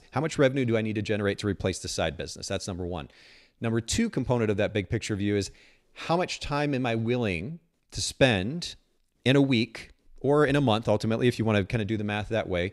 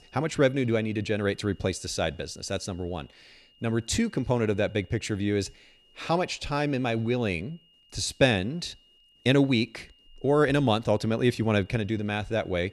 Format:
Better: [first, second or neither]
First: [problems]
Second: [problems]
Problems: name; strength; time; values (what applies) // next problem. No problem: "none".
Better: first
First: none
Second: high-pitched whine; faint; throughout; 3 kHz, 30 dB below the speech